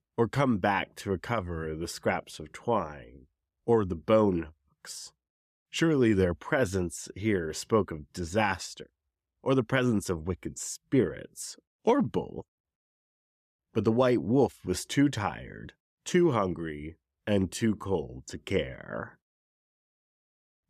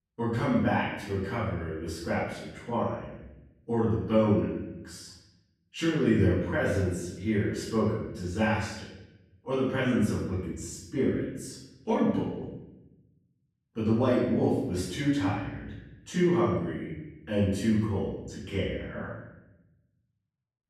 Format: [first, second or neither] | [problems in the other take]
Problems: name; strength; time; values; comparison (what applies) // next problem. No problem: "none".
first | room echo; strong; dies away in 0.9 s // off-mic speech; far